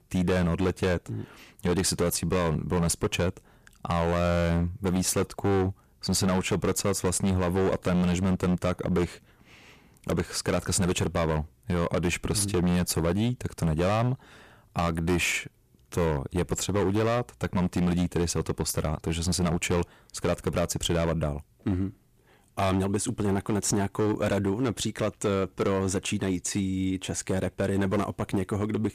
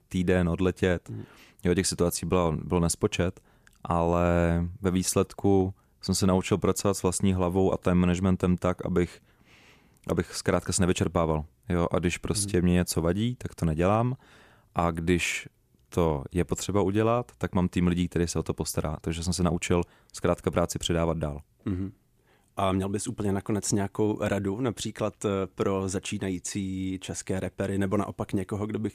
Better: second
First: distortion; heavy; 15% of the sound clipped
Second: none

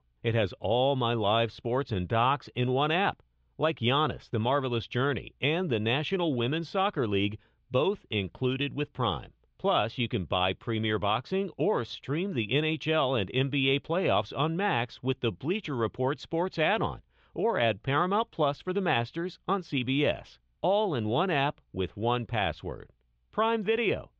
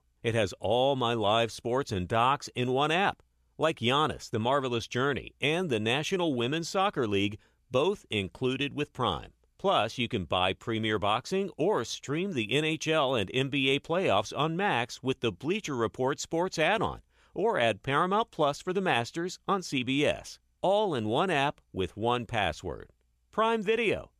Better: second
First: muffled; slightly; fading above 3.5 kHz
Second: none

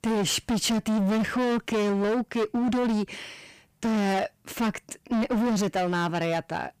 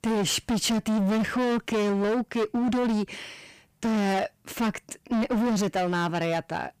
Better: neither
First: distortion; heavy; 29% of the sound clipped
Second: distortion; heavy; 29% of the sound clipped

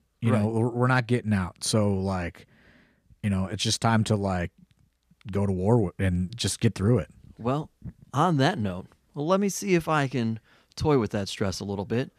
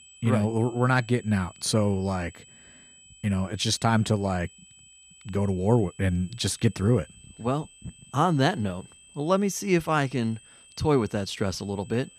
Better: first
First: none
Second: high-pitched whine; faint; throughout; 8 kHz, 25 dB below the speech

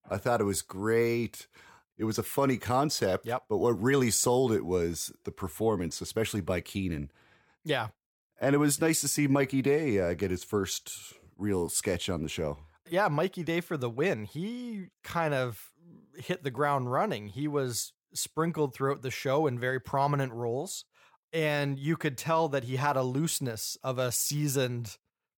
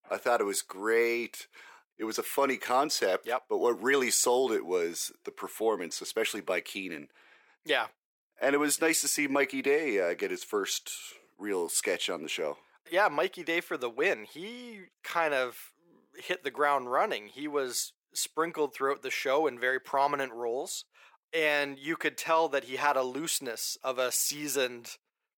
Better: first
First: none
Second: thin; somewhat; fading below 350 Hz

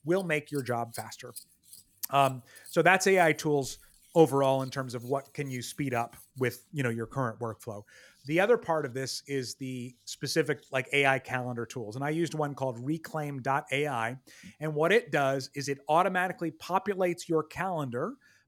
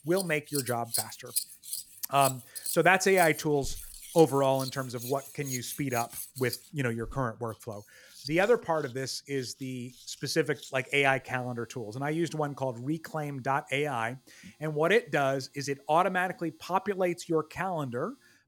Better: first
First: household noises; faint; throughout; 20 dB below the speech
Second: household noises; loud; throughout; 8 dB below the speech

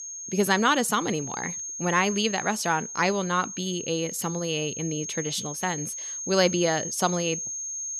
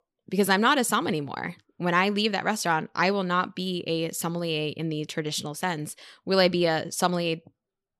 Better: second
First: high-pitched whine; loud; throughout; 6.5 kHz, 6 dB below the speech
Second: none

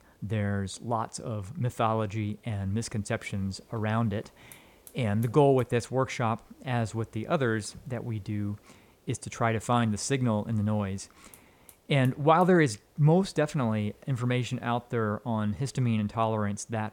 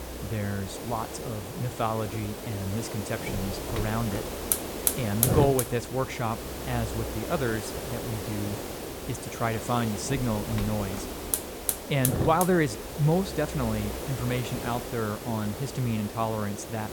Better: first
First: hiss; faint; throughout; 30 dB below the speech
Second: hiss; loud; throughout; 3 dB below the speech

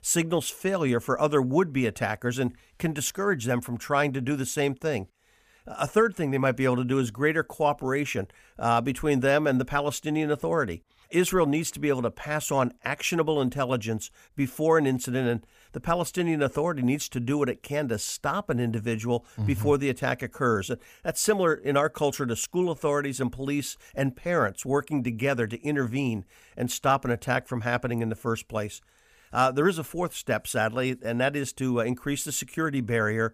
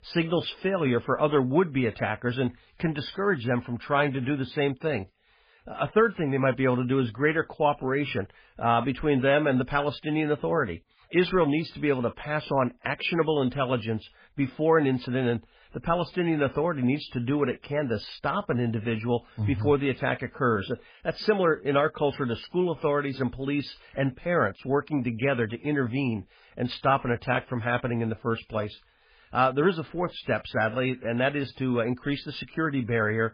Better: first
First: none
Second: garbled, watery; badly

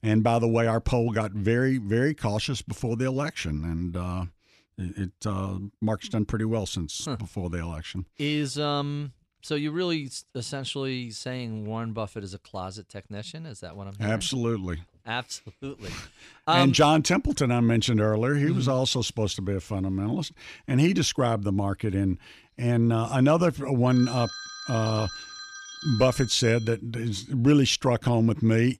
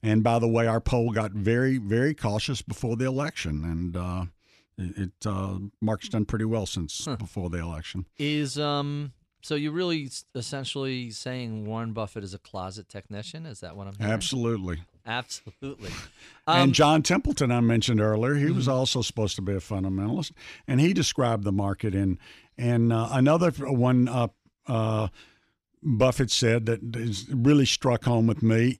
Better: second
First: phone ringing; noticeable; from 24 to 27 s; peak 10 dB below the speech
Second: none

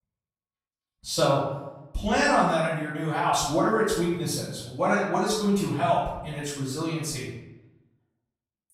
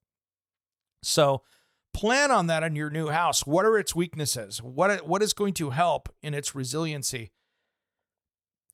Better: second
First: off-mic speech; far // room echo; noticeable; dies away in 0.8 s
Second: none

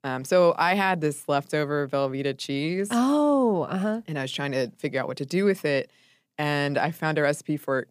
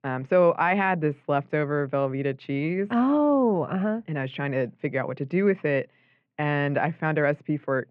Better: first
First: none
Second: muffled; very; fading above 2.5 kHz

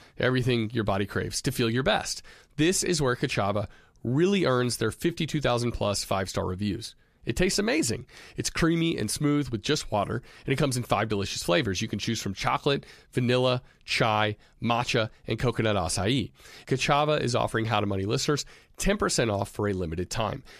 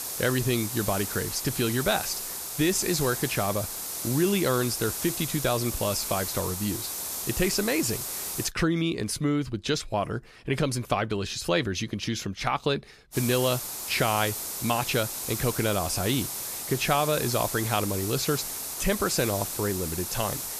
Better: first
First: none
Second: hiss; loud; until 8.5 s and from 13 s on; 4 dB below the speech

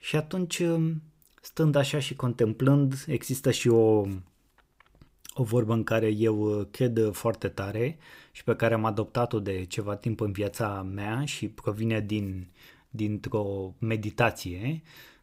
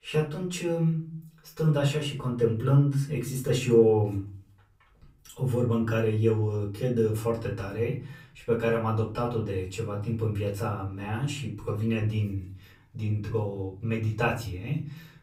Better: first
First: none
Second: off-mic speech; far // room echo; slight; dies away in 0.4 s

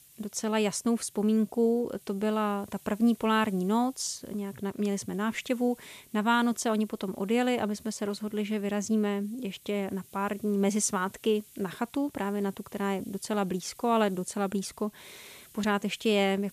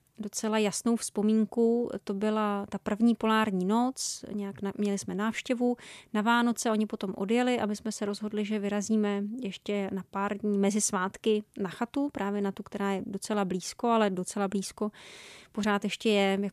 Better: second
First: hiss; faint; throughout; 25 dB below the speech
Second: none

